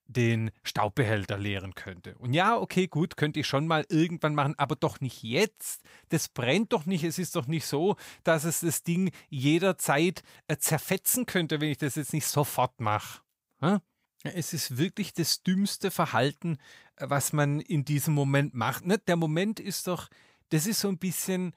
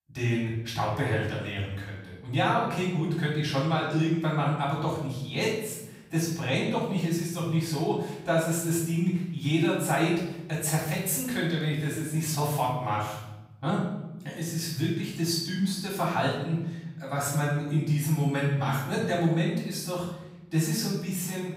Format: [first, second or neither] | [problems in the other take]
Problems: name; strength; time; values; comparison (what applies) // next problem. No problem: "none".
first | off-mic speech; far // room echo; noticeable; dies away in 0.9 s